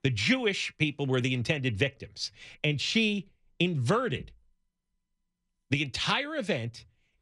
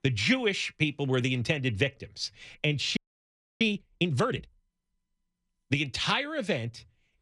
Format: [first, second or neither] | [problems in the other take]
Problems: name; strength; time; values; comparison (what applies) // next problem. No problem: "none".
first | audio freezing; at 3 s for 0.5 s